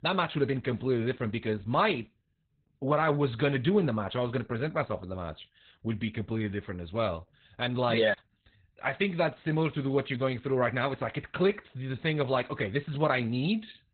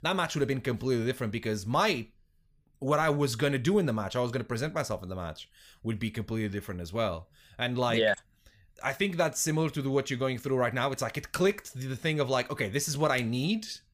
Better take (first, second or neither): second